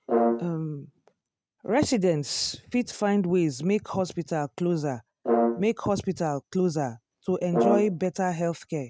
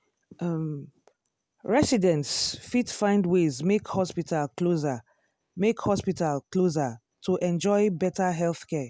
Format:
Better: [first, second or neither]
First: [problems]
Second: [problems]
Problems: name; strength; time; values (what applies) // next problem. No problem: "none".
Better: second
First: noise reduction (neural mask model RNNoise)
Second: none